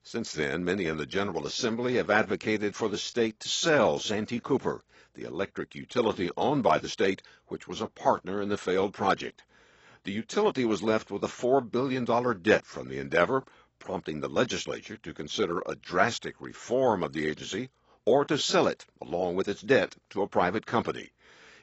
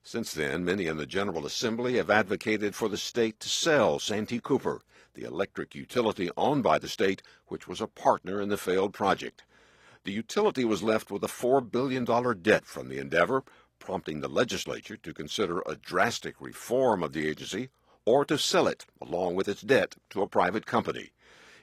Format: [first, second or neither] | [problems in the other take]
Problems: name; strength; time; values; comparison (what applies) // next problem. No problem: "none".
second | garbled, watery; badly; nothing above 7.5 kHz; slightly in the second